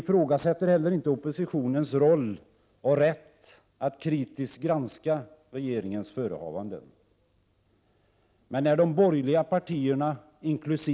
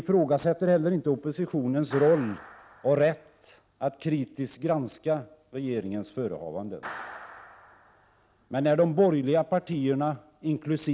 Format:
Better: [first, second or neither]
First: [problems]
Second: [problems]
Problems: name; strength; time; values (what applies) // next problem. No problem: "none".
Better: first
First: none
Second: background sound (Clapping); 20 dB below the speech